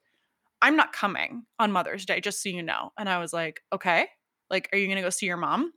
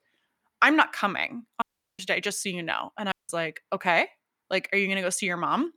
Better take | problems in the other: first | audio cutting out; at 1.5 s and at 3 s

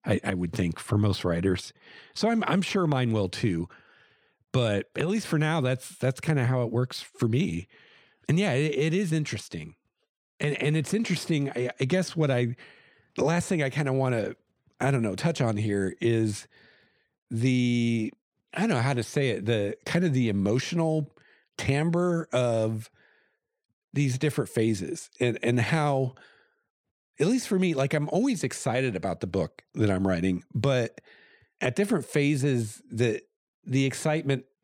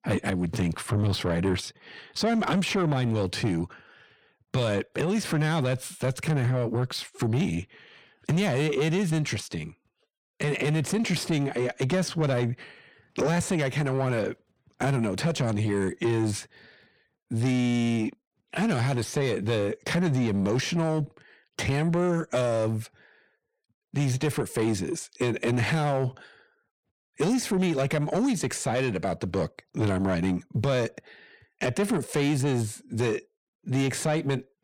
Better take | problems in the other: first | distortion; slight; 10 dB below the speech

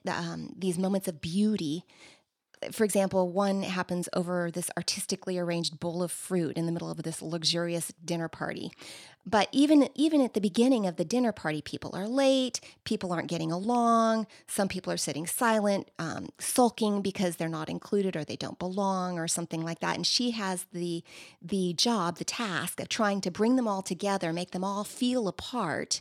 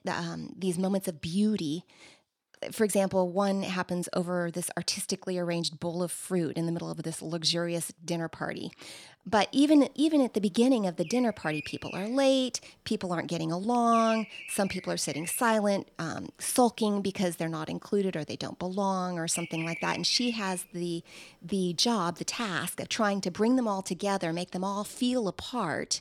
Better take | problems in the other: first | animal sounds; noticeable; from 9.5 s on; 15 dB below the speech

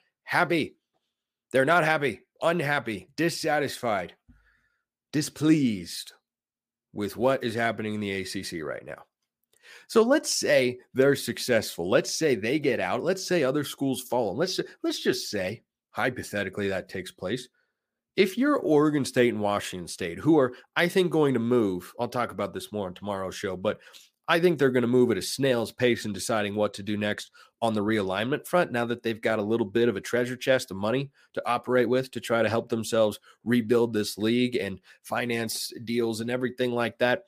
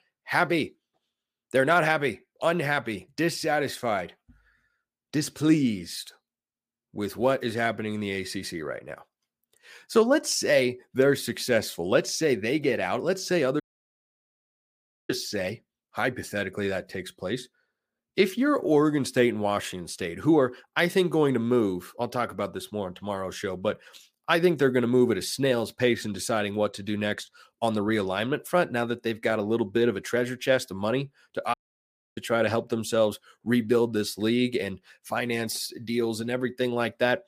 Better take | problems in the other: first | audio cutting out; at 14 s for 1.5 s and at 32 s for 0.5 s

